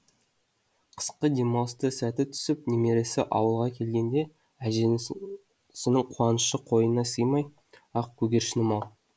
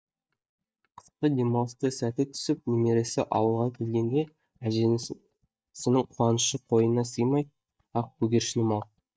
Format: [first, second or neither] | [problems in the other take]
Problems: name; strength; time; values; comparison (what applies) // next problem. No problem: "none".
first | noise reduction (neural mask model DeepFilterNet 3)